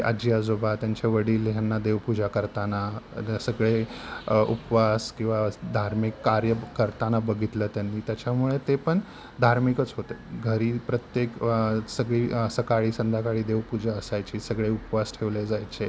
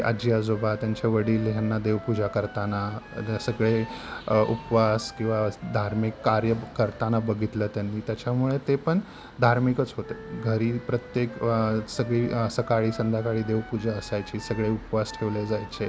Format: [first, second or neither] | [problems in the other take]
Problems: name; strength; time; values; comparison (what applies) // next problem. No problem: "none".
first | background sound (Wind instrument, woodwind instrument); 18 dB below the speech